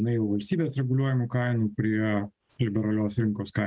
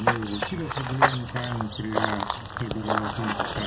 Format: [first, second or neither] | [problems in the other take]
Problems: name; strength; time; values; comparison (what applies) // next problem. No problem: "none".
first | background sound (Run / Bird vocalization, bird call, bird song); 3 dB above the speech